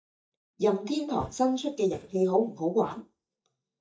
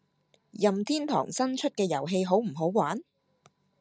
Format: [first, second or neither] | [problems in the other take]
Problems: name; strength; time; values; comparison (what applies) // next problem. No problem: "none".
second | noise reduction (neural mask model DeepFilterNet 3)